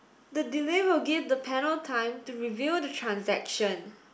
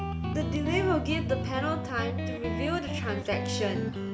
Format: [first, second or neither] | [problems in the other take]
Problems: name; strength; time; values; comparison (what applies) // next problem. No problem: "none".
first | background sound (Guitar); as loud as the speech